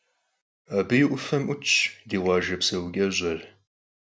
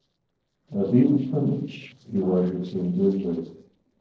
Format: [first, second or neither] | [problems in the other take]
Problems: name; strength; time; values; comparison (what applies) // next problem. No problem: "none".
first | noise reduction (neural separator model SepFormer DNS4)